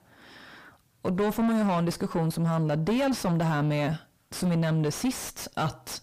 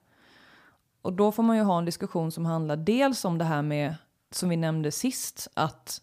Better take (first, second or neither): second